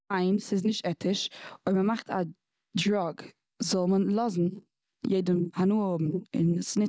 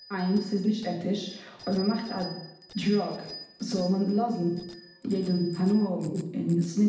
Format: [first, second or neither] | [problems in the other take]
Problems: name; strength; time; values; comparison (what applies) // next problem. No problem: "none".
first | background sound (Bicycle bell); 19 dB below the speech // room echo; dies away in 0.8 s